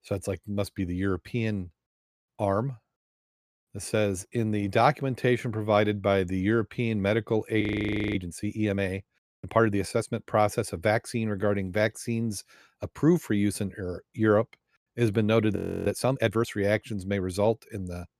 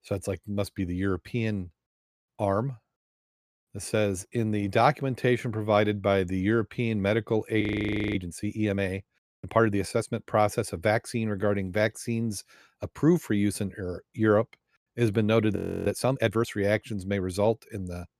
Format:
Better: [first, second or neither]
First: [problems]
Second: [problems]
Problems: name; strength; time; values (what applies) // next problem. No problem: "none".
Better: neither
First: audio freezing; at 7.5 s for 0.5 s and at 16 s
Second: audio freezing; at 7.5 s for 0.5 s and at 16 s